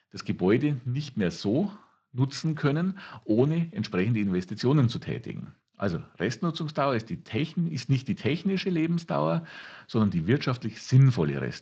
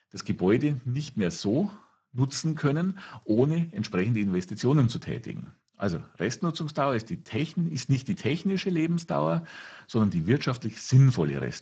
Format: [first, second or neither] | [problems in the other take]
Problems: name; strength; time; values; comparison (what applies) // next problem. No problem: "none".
first | garbled, watery; badly; nothing above 7.5 kHz; slightly in the first